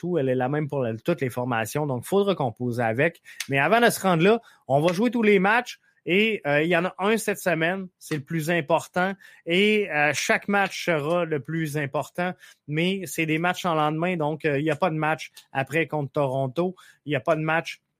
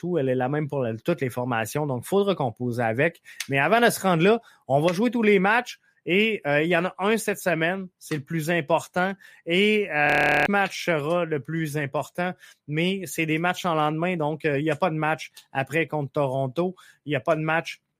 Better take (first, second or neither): first